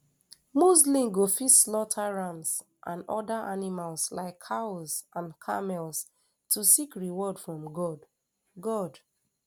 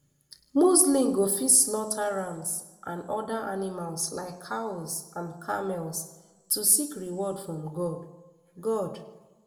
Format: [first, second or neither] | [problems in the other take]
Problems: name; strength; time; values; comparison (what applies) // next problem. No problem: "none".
first | room echo; dies away in 0.8 s